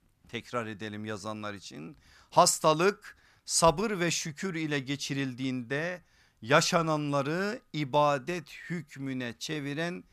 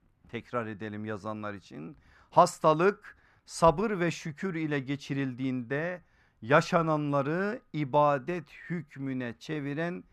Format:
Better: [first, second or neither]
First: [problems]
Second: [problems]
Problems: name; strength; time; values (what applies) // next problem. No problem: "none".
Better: first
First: none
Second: muffled; slightly; fading above 3 kHz